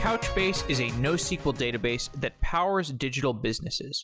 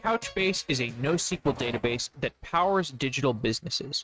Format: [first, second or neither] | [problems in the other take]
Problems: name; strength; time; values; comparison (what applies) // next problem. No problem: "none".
first | noise reduction (neural mask model RNNoise)